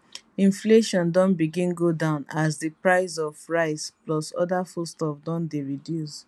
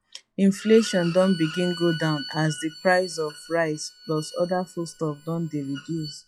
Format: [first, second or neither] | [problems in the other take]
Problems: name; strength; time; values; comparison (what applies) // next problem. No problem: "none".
first | noise reduction (classical method log-MMSE)